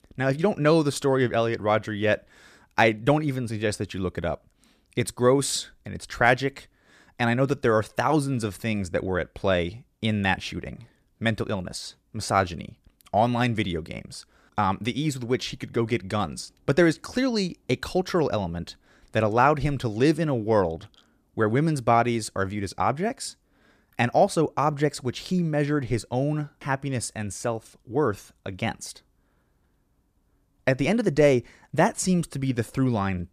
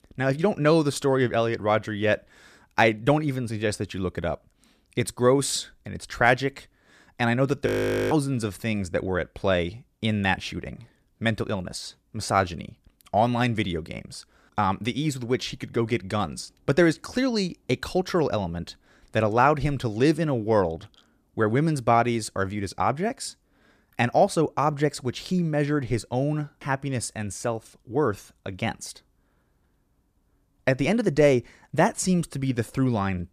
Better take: first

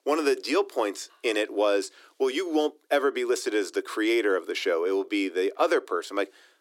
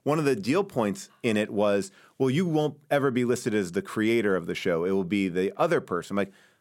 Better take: second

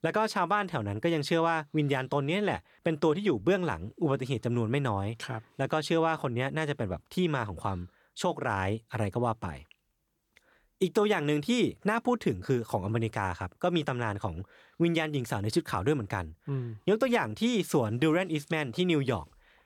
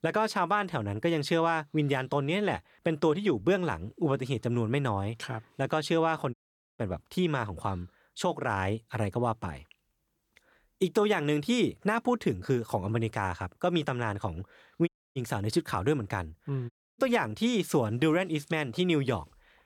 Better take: first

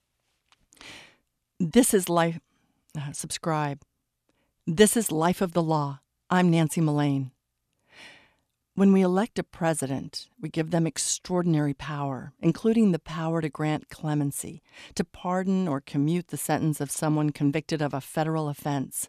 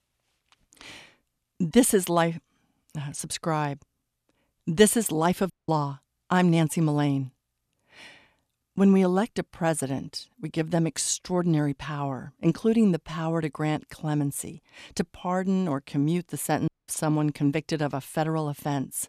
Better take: first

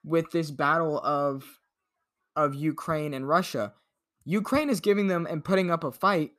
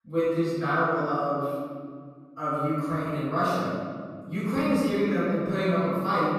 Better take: first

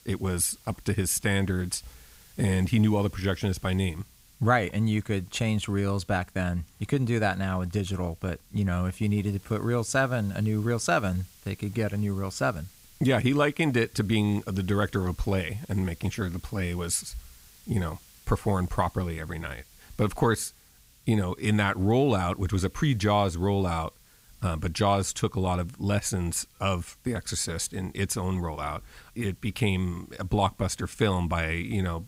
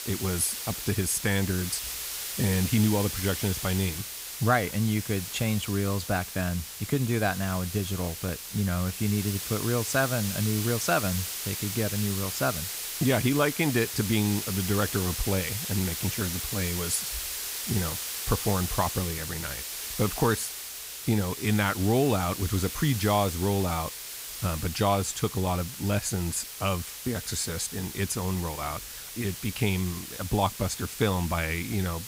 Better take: first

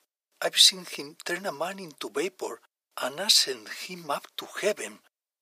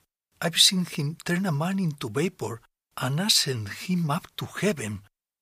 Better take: second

